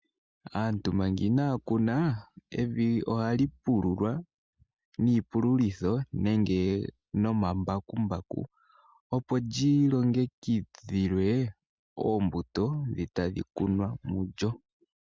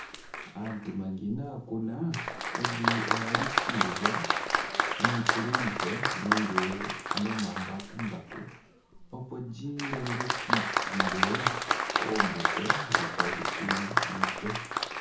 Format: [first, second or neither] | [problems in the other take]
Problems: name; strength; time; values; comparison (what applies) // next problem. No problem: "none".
first | background sound (Applause); 4 dB above the speech // room echo; dies away in 0.5 s